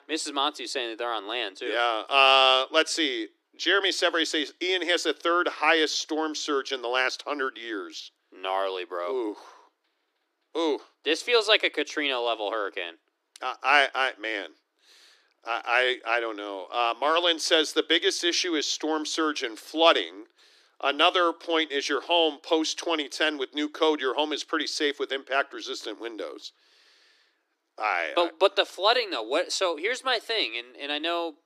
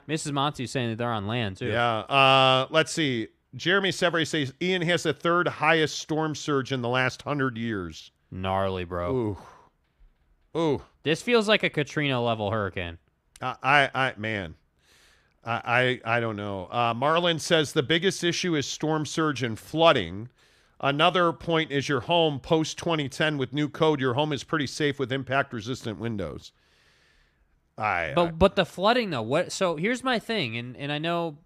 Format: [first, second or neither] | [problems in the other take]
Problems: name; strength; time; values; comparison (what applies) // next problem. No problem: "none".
second | thin; somewhat; fading below 300 Hz